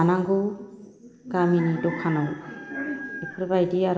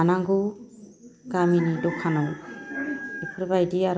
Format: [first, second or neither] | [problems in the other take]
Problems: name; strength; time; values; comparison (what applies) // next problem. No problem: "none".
second | room echo; dies away in 1.3 s